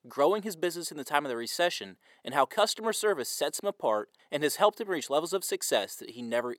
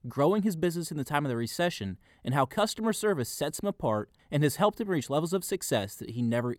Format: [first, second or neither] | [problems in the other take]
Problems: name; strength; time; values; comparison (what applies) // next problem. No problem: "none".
second | thin; somewhat; fading below 450 Hz